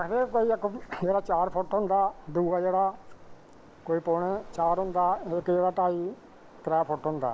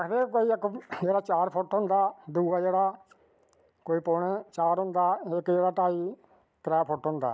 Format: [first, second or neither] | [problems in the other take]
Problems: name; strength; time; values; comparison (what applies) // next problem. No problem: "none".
second | background sound (Waves, surf); 17 dB below the speech